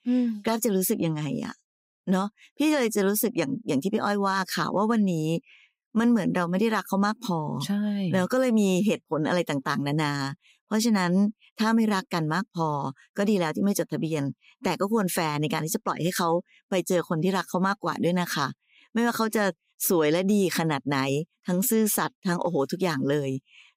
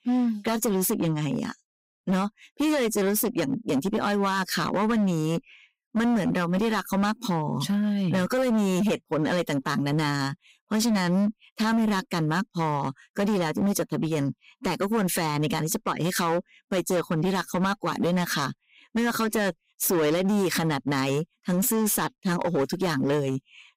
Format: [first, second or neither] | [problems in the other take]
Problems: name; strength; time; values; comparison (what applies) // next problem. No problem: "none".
first | distortion; slight; 16% of the sound clipped